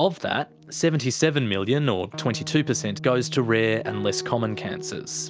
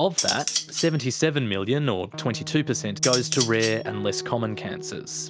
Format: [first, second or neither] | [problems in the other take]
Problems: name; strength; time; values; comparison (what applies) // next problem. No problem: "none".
first | background sound (Cutlery, silverware); 4 dB below the speech